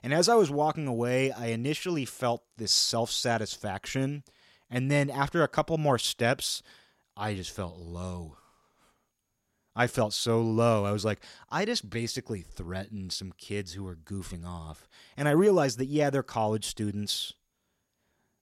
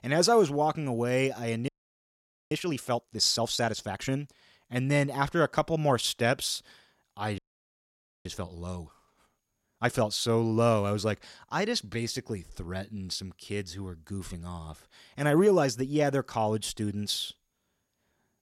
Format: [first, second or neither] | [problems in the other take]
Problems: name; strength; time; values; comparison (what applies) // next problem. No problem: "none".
first | audio freezing; at 1.5 s for 1 s and at 7.5 s for 1 s